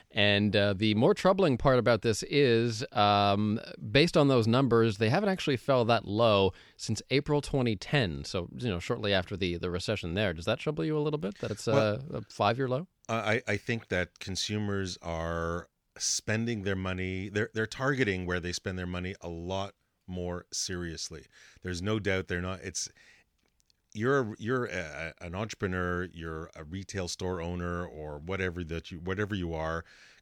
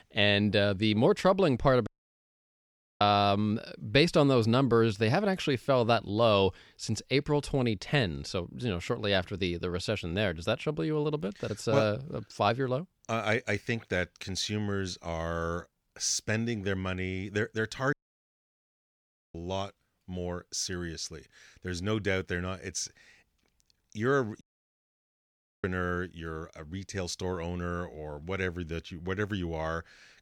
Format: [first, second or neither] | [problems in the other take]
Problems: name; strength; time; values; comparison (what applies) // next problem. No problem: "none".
first | audio cutting out; at 2 s for 1 s, at 18 s for 1.5 s and at 24 s for 1 s